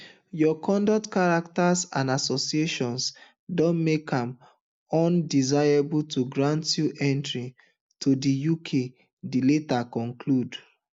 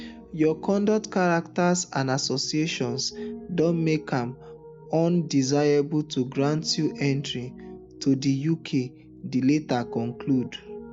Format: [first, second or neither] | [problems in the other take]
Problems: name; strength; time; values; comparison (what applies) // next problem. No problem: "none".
first | background sound (Piano); 17 dB below the speech